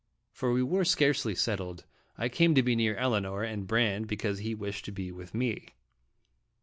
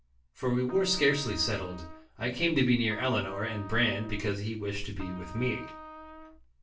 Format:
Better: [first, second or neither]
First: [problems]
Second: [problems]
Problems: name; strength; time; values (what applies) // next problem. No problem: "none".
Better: first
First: none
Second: background sound (Trumpet); 16 dB below the speech // room echo; dies away in 0.3 s